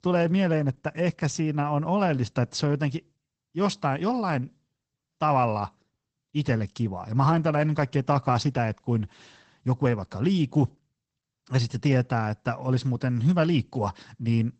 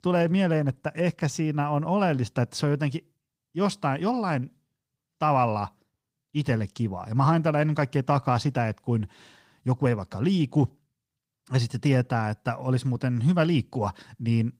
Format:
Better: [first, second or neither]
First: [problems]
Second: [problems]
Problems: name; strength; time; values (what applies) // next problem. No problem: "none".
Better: second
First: garbled, watery; badly; nothing above 8 kHz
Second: garbled, watery; slightly; nothing above 15.5 kHz